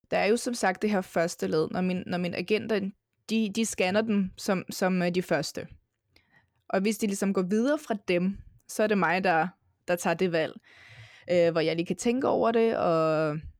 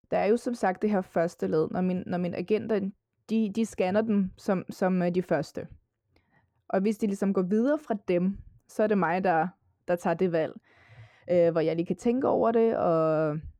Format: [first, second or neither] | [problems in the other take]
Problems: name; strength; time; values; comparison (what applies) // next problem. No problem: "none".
first | muffled; slightly; fading above 2 kHz